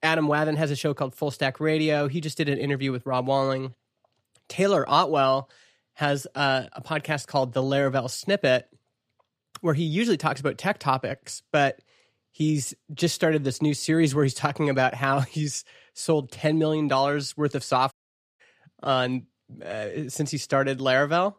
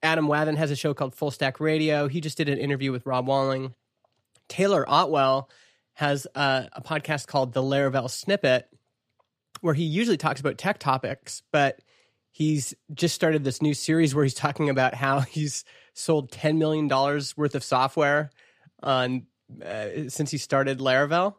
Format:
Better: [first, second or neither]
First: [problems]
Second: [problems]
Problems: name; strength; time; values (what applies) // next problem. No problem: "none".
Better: second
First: audio cutting out; at 18 s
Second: none